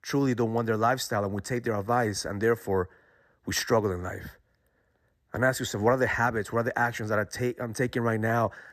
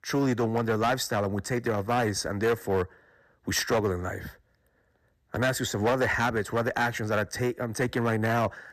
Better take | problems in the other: first | distortion; slight; 6% of the sound clipped

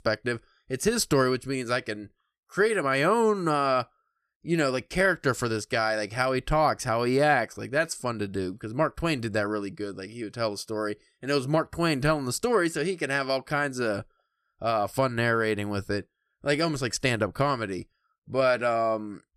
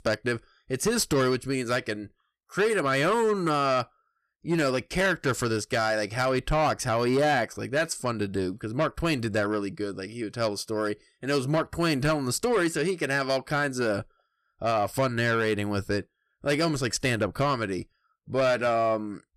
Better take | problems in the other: first | distortion; slight; 10 dB below the speech

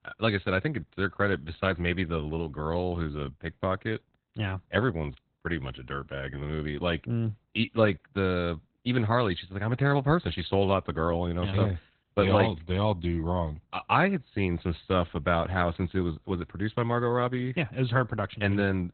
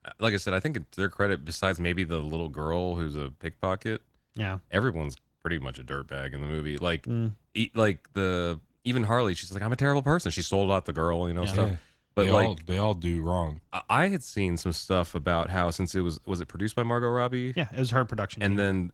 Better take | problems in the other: second | garbled, watery; badly; nothing above 4 kHz; slightly in the second

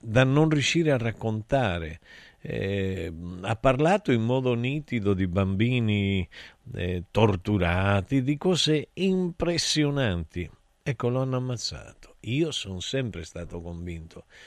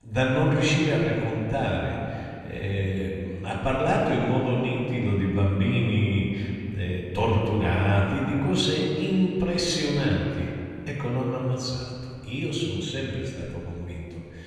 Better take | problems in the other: first | off-mic speech; far // room echo; noticeable; dies away in 2.3 s

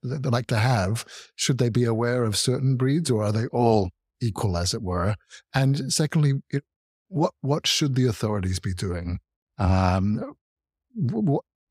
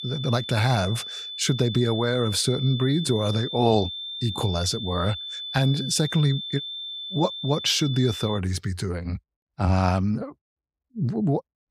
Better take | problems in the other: first | high-pitched whine; loud; until 8.5 s; 3.5 kHz, 7 dB below the speech

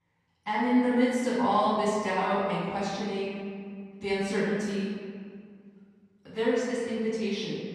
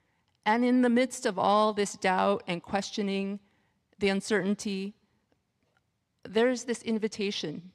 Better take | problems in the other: second | off-mic speech; far // room echo; strong; dies away in 1.9 s

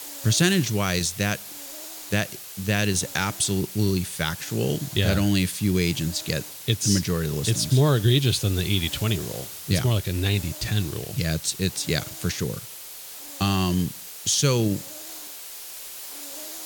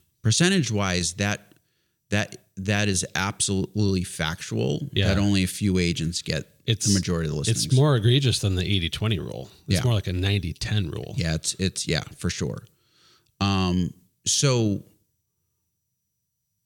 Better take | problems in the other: second | hiss; noticeable; throughout; 10 dB below the speech

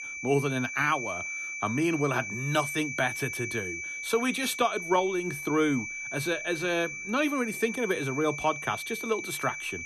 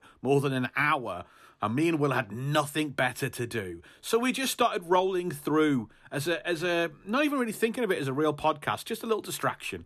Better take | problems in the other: second | high-pitched whine; loud; throughout; 2.5 kHz, 5 dB below the speech

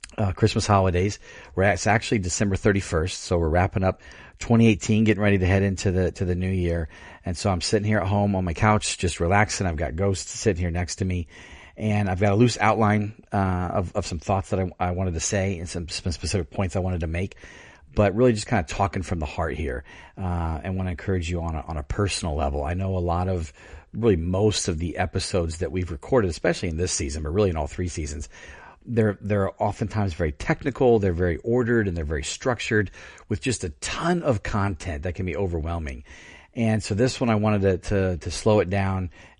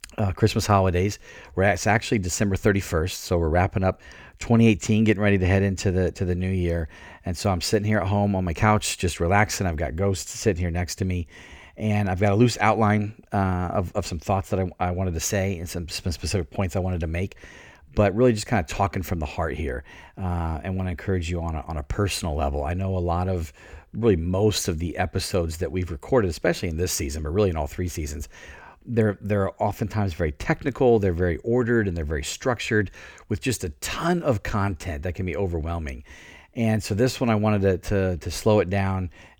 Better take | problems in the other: second | garbled, watery; slightly; nothing above 10 kHz

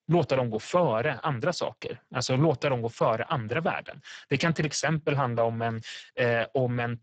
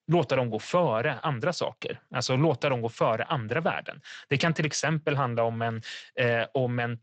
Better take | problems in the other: second | garbled, watery; badly; nothing above 7.5 kHz; slightly in the second

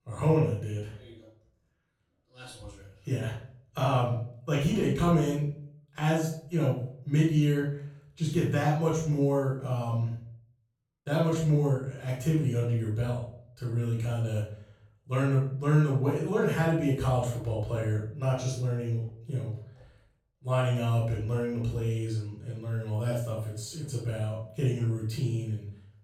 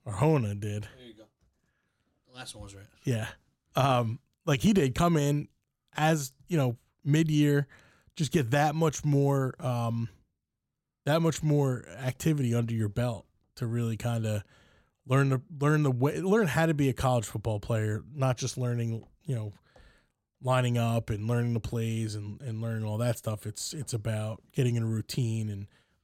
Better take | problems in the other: second | off-mic speech; far // room echo; noticeable; dies away in 0.4 s

